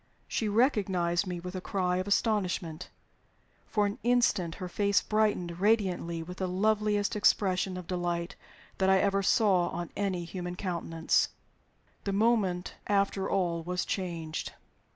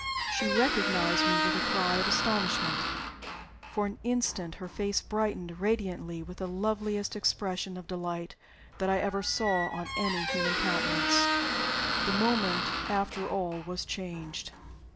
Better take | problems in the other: first | background sound (Squeak); 1 dB below the speech

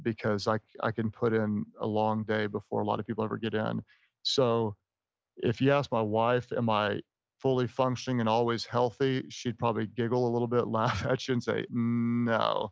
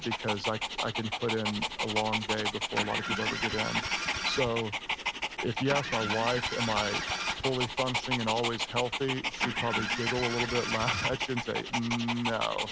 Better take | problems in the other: first | background sound (Dog + Engine starting); as loud as the speech

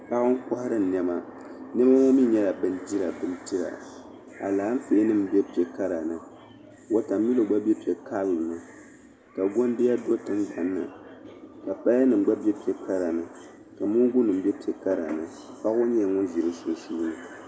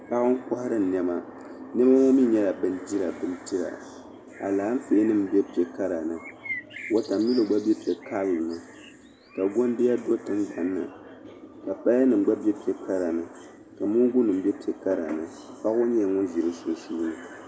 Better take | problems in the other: first | background sound (Bird); 16 dB below the speech

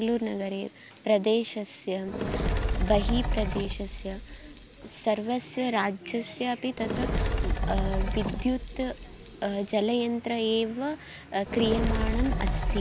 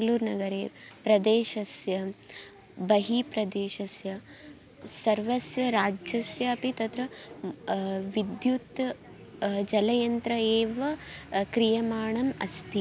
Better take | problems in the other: second | background sound (Fire); 2 dB below the speech

